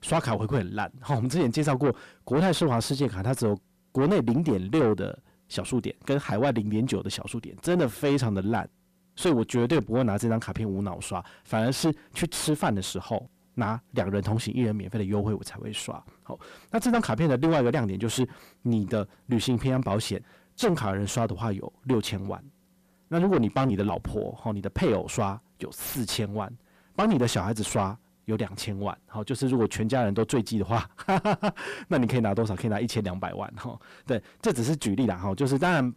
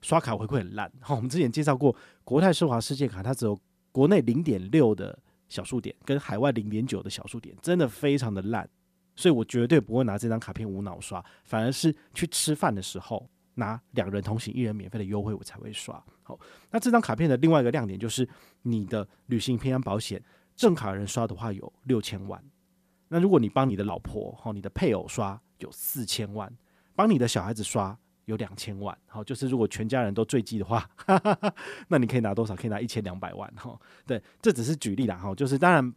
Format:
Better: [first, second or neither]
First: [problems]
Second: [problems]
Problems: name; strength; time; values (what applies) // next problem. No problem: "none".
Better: second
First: distortion; heavy; 7 dB below the speech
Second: none